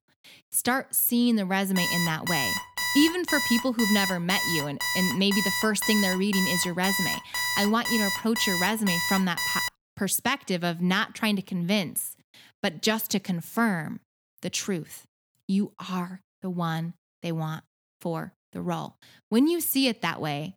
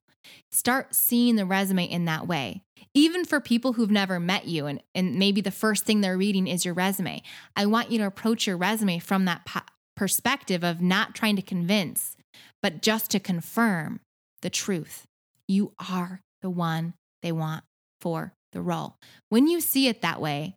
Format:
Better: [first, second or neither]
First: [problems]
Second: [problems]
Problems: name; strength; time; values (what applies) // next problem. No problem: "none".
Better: second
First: alarm; loud; from 2 to 9.5 s; peak 1 dB above the speech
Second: none